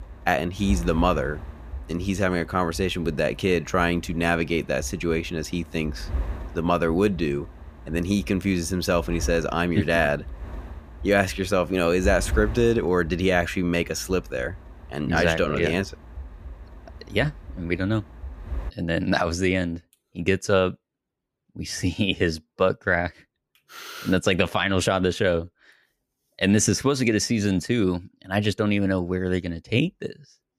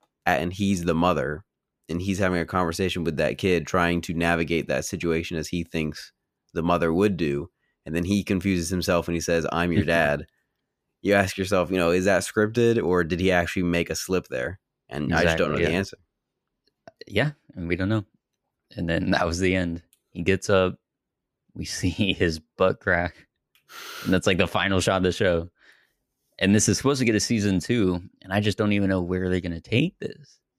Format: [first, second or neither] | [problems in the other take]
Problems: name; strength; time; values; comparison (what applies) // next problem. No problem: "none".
second | wind noise on the microphone; occasional gusts; until 19 s; 25 dB below the speech